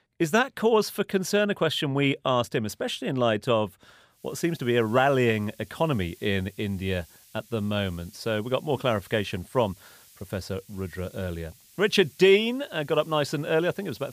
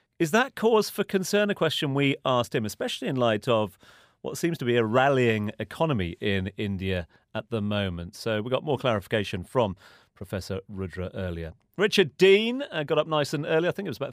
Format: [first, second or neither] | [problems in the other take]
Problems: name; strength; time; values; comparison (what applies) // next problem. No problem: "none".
second | hiss; faint; from 4 s on; 25 dB below the speech